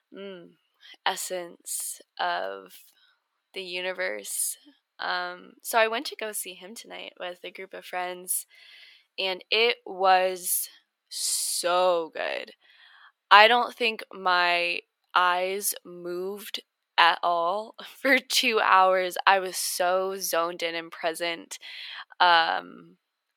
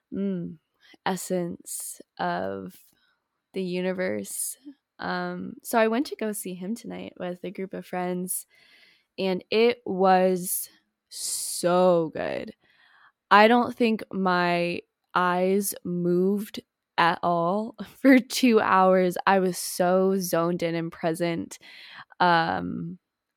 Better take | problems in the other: second | thin; very; fading below 650 Hz

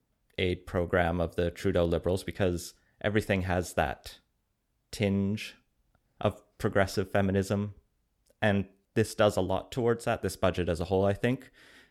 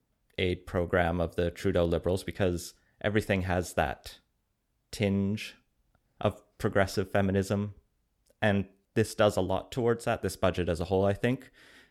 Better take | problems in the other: neither | none

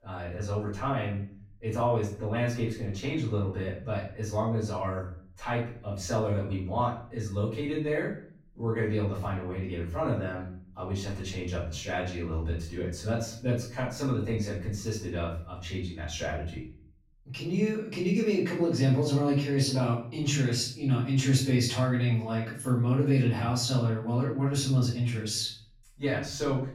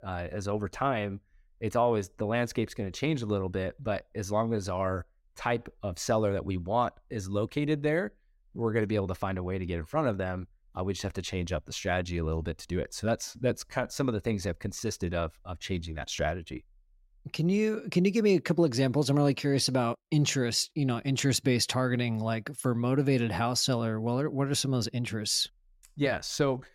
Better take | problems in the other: second | off-mic speech; far // room echo; noticeable; dies away in 0.5 s

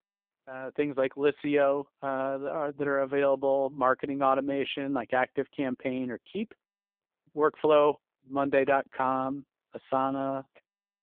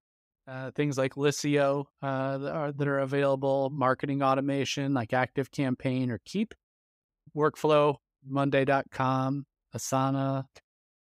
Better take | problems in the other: second | phone-call audio; poor line

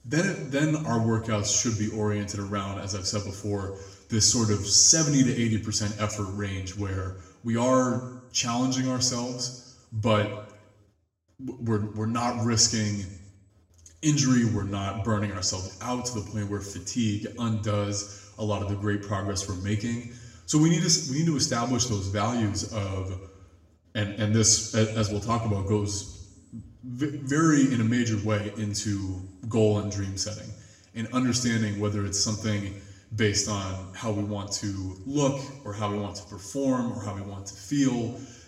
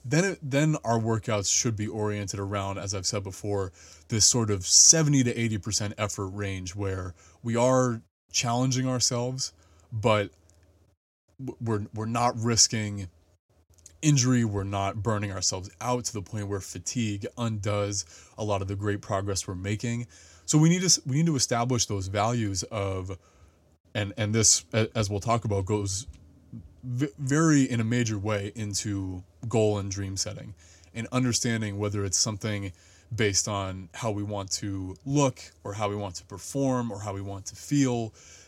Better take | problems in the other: second | room echo; slight; dies away in 0.8 s // off-mic speech; somewhat distant

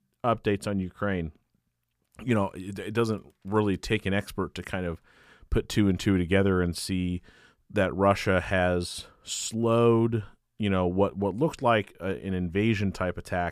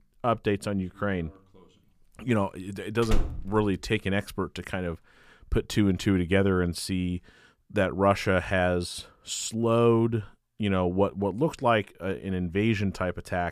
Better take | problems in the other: first | door banging; noticeable; at 3 s; peak 5 dB below the speech

